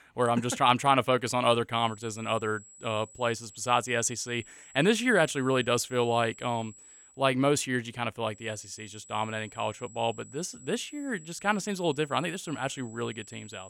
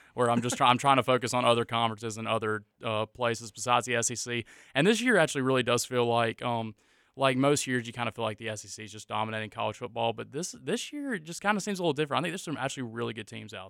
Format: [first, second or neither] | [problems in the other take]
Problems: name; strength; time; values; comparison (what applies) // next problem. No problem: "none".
second | high-pitched whine; faint; from 2 to 7 s and from 8.5 s on; 7.5 kHz, 20 dB below the speech